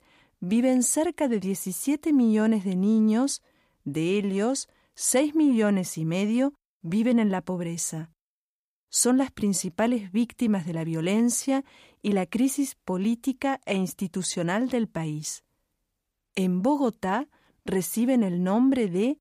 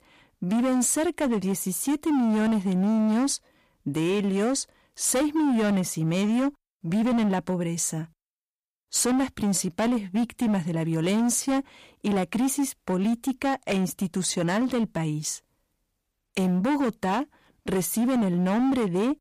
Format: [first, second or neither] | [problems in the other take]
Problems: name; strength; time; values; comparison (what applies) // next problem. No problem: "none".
first | distortion; slight; 19% of the sound clipped